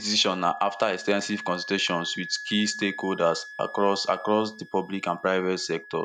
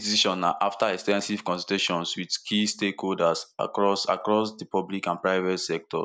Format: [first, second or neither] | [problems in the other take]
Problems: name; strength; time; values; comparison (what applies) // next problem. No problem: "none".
second | background sound (Wind instrument, woodwind instrument); 15 dB below the speech